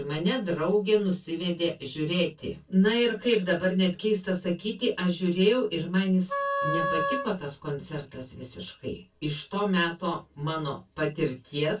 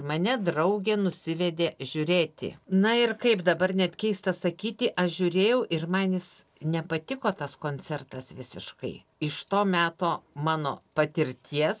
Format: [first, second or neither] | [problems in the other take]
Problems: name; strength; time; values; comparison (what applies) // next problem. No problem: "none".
second | background sound (Wind instrument, woodwind instrument); 3 dB below the speech // room echo; dies away in 0.2 s